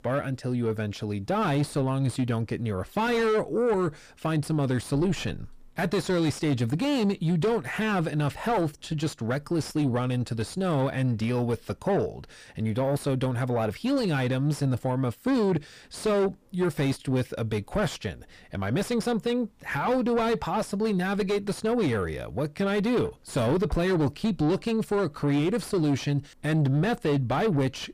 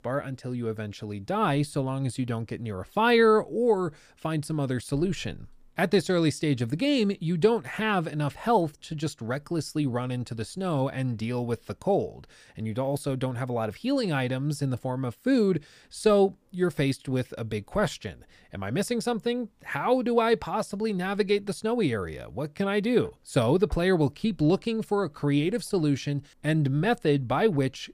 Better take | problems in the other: second | distortion; heavy; 8 dB below the speech

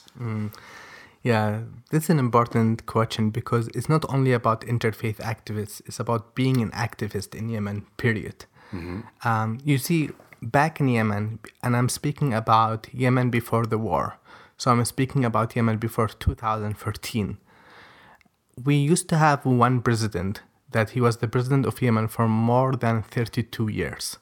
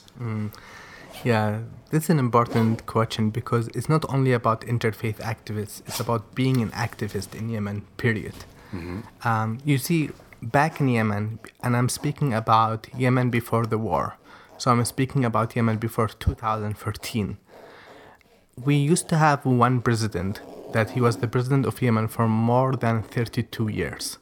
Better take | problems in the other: first | household noises; faint; throughout; 20 dB below the speech

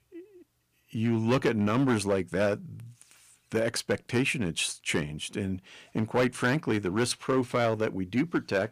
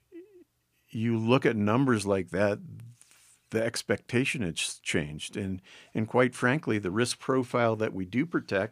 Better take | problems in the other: second | distortion; slight; 4% of the sound clipped

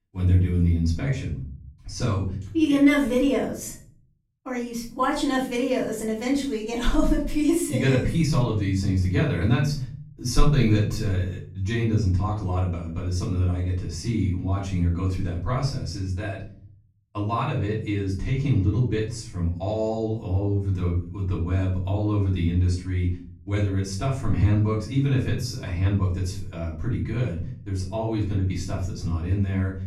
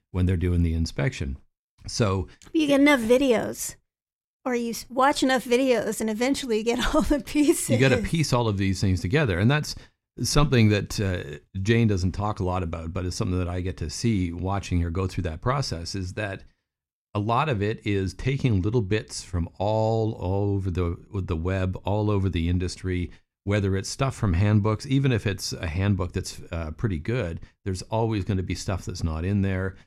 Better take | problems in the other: second | off-mic speech; far // room echo; slight; dies away in 0.5 s

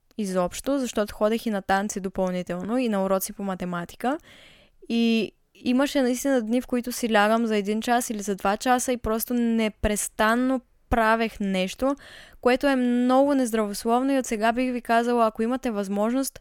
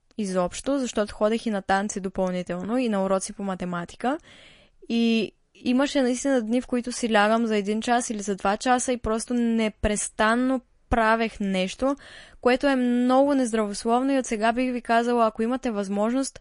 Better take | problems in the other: first | garbled, watery; slightly; nothing above 10.5 kHz

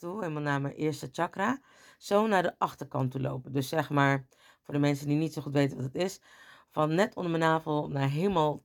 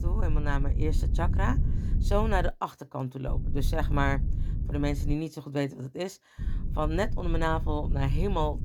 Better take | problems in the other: first | low rumble; noticeable; until 2.5 s, from 3.5 to 5 s and from 6.5 s on; 15 dB below the speech

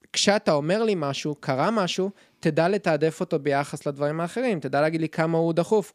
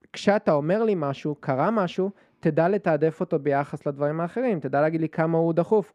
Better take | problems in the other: first | muffled; very; fading above 2.5 kHz

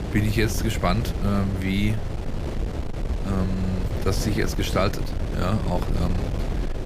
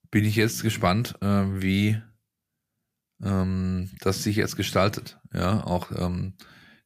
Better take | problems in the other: second | wind noise on the microphone; heavy; 7 dB below the speech

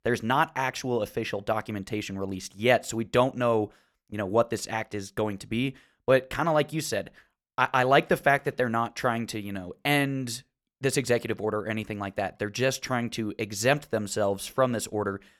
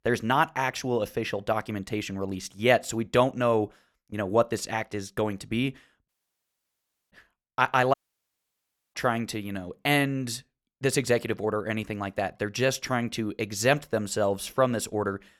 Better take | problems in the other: first | audio cutting out; at 6 s for 1 s and at 8 s for 1 s

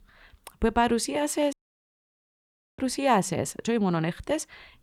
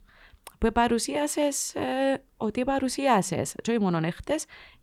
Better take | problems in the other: second | audio cutting out; at 1.5 s for 1 s

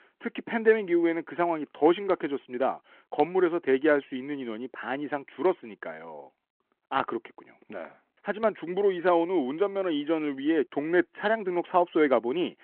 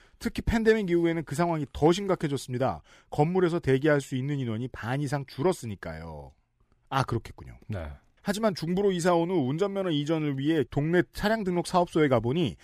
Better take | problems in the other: second | phone-call audio

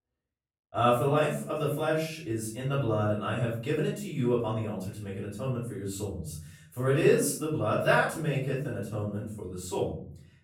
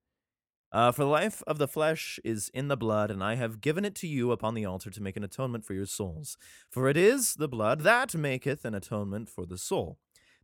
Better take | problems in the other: second | off-mic speech; far // room echo; noticeable; dies away in 0.7 s

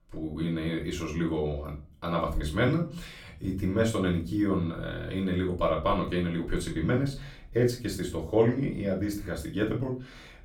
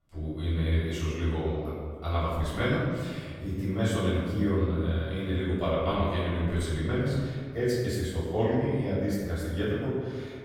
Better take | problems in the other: first | room echo; strong; dies away in 1.6 s; slight in the first // off-mic speech; far; far in the first

